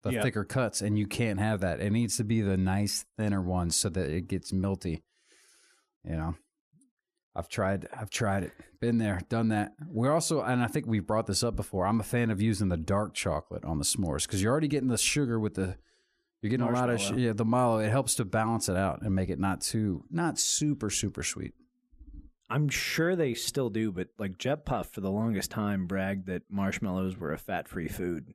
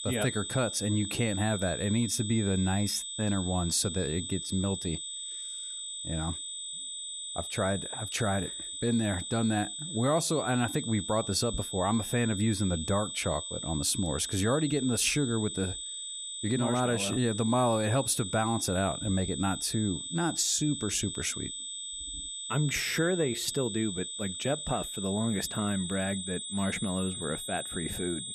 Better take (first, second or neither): first